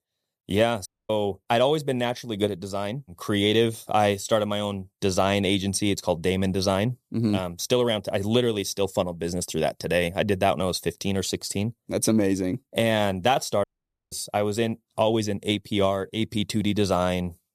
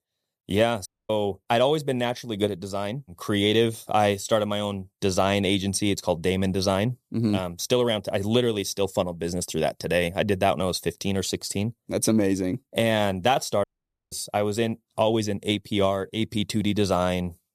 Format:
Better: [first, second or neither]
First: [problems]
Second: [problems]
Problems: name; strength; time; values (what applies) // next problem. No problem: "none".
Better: neither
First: audio cutting out; at 1 s and at 14 s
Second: audio cutting out; at 1 s and at 14 s